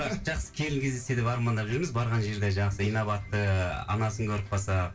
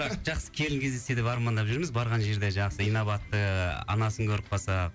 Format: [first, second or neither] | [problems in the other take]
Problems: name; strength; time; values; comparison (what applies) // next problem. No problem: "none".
second | room echo; dies away in 0.2 s